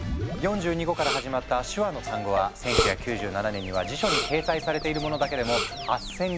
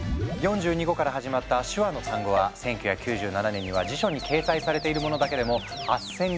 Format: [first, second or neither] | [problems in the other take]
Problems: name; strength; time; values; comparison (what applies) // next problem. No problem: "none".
second | background sound (Respiratory sounds); 6 dB below the speech